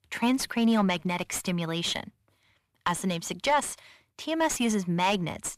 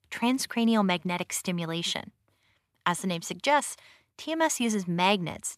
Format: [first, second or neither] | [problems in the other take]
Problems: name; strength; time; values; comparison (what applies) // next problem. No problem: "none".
second | distortion; slight; 10 dB below the speech